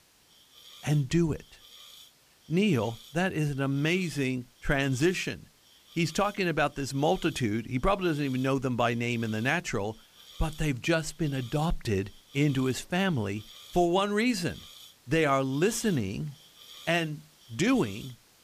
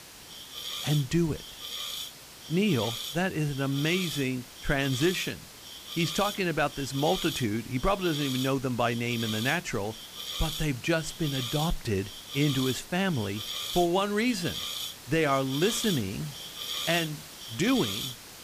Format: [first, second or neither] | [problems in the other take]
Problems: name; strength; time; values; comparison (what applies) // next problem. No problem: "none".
first | hiss; loud; throughout; 6 dB below the speech; faint in the first